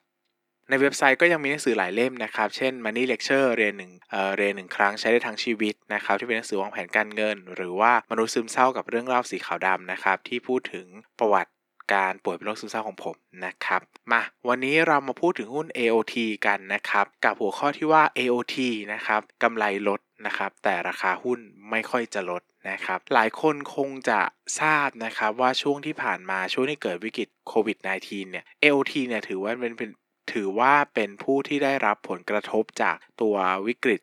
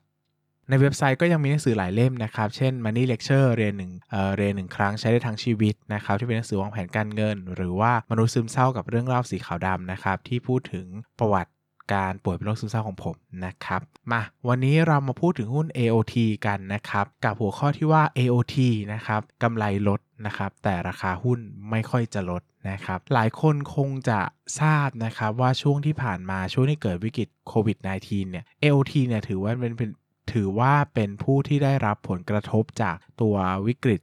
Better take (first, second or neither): second